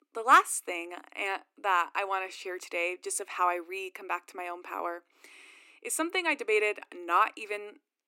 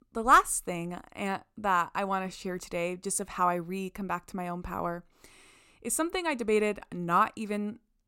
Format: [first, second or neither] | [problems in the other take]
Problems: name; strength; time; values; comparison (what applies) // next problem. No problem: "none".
second | thin; very; fading below 300 Hz